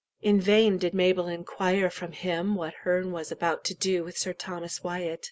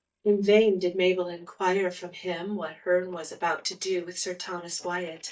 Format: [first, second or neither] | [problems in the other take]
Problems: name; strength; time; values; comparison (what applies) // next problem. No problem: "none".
first | noise reduction (neural mask model DeepFilterNet 3)